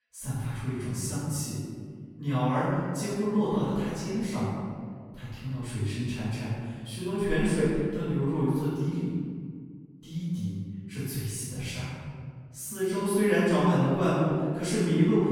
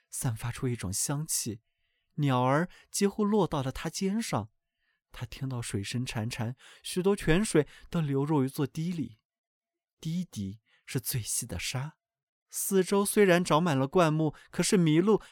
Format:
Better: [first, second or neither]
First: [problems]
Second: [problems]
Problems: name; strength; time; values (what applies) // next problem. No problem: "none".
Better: second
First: room echo; strong; dies away in 2 s // off-mic speech; far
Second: none